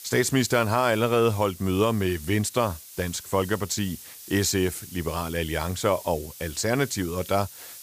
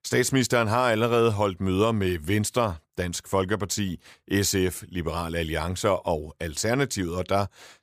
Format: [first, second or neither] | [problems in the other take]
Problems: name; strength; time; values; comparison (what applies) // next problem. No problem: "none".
second | hiss; noticeable; throughout; 15 dB below the speech